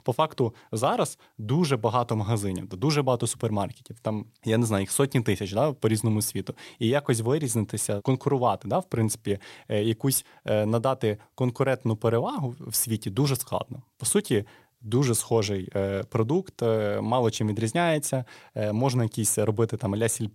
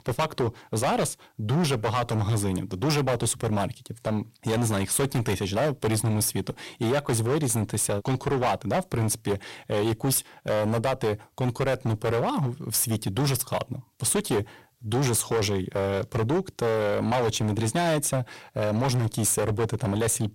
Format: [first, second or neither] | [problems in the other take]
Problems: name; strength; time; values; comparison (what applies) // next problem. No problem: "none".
first | distortion; heavy; 17% of the sound clipped